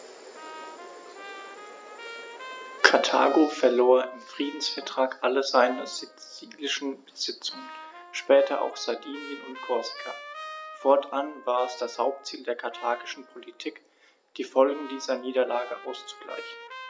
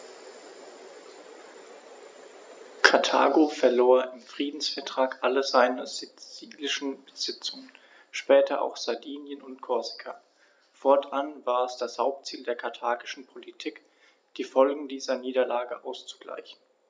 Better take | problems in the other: second | background sound (Trumpet); 16 dB below the speech

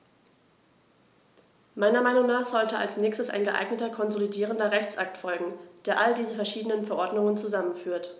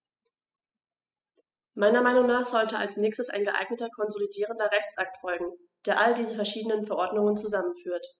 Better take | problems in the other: first | noise reduction (classical method spectral subtraction)

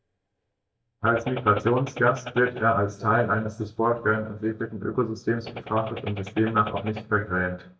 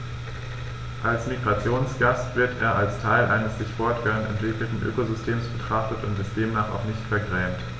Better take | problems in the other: second | noise reduction (neural mask model DeepFilterNet 3)

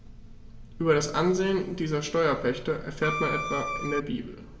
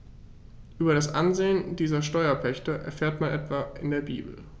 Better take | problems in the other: second | background sound (Bowed string instrument); 4 dB below the speech // room echo; dies away in 2.2 s

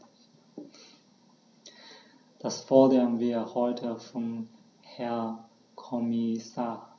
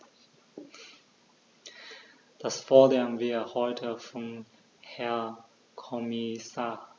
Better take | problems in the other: second | room echo; dies away in 0.3 s

